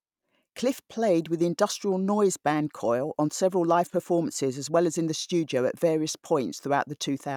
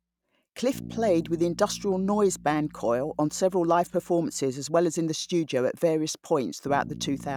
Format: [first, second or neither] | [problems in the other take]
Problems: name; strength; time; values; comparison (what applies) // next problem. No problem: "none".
first | background sound (Bass guitar); 19 dB below the speech